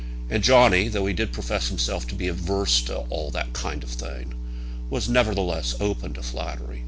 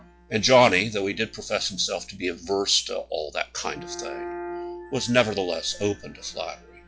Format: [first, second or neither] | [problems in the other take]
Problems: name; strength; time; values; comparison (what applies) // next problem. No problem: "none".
first | noise reduction (classical method log-MMSE)